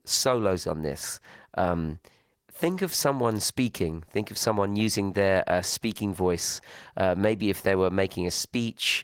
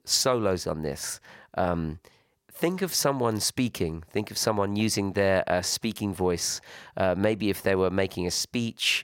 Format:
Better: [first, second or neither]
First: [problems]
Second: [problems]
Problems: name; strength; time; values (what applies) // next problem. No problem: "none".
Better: second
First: garbled, watery; slightly; nothing above 16.5 kHz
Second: none